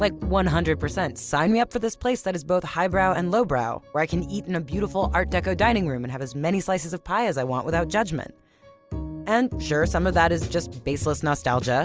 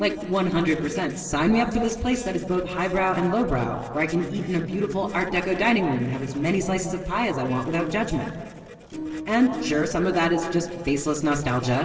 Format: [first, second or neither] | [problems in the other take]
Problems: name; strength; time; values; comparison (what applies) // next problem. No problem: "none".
first | noise reduction (neural separator model SepFormer DNS4)